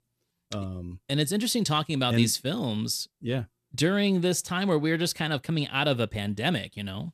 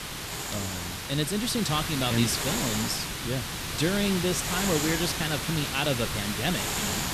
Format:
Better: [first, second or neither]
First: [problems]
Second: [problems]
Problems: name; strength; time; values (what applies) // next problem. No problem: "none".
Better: first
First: none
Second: hiss; loud; throughout; 1 dB below the speech